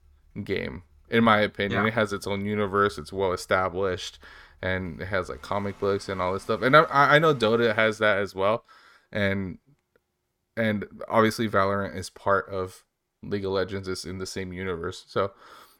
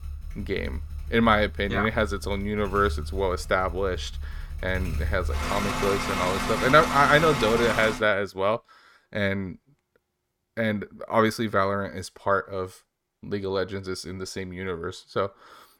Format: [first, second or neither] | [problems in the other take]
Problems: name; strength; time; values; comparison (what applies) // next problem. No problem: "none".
first | traffic noise; loud; until 8 s; 6 dB below the speech; faint in the first